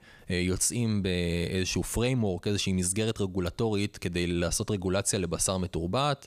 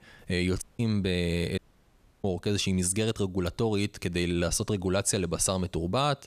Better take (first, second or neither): first